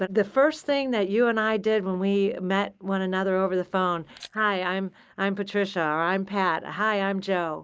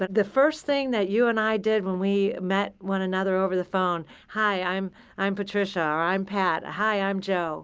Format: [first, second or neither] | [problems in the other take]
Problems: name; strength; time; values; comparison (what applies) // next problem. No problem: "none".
second | noise reduction (neural mask model DeepFilterNet 3)